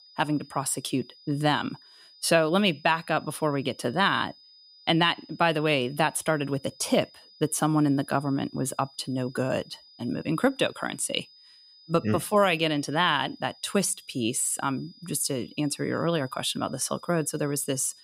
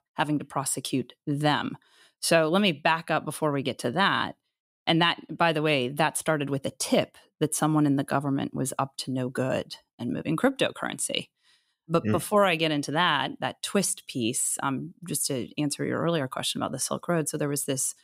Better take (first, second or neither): second